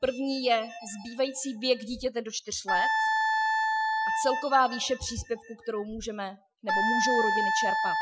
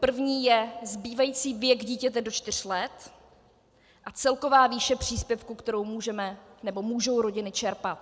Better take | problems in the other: second | noise reduction (classical method Wiener filter)

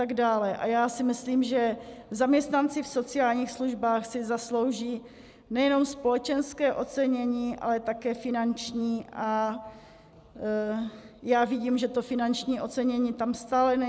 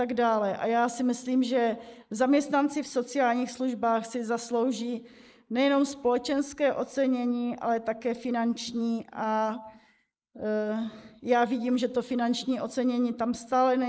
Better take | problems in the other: first | noise reduction (neural mask model Resemble Enhance denoiser)

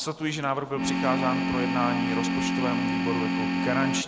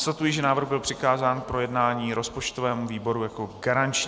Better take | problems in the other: second | background sound (Organ); 4 dB above the speech

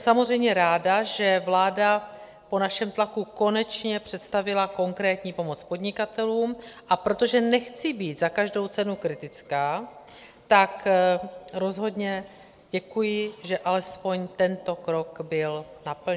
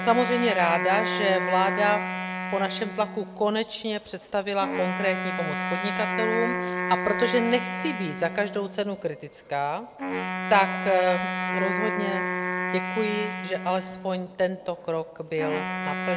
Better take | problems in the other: first | background sound (Wind instrument, woodwind instrument); 3 dB below the speech

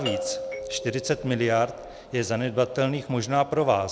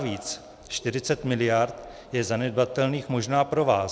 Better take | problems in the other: second | background sound (Doorbell); 9 dB below the speech

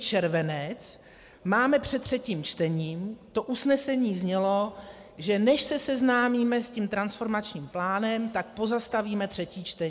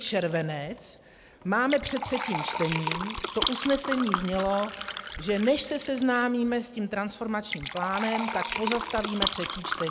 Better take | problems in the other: first | background sound (Fill (with liquid)); 6 dB below the speech

